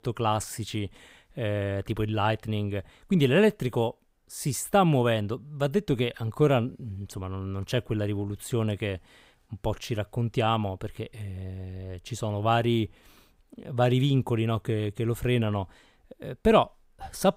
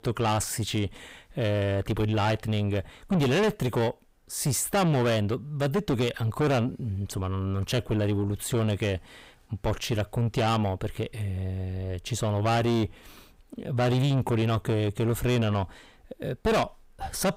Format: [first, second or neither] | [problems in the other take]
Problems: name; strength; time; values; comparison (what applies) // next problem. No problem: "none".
first | distortion; heavy; 6 dB below the speech